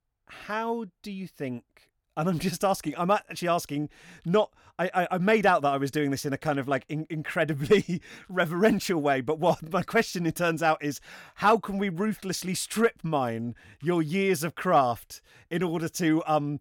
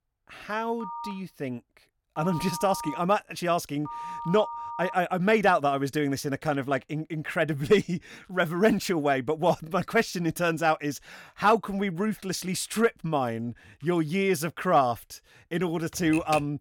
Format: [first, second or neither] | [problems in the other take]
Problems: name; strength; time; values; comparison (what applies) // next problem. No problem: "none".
first | phone ringing; noticeable; from 1 to 5 s; peak 9 dB below the speech // keyboard typing; noticeable; at 16 s; peak 7 dB below the speech